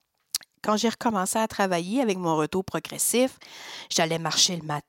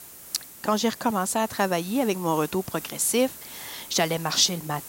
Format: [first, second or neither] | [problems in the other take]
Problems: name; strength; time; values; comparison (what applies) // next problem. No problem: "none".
first | hiss; noticeable; throughout; 15 dB below the speech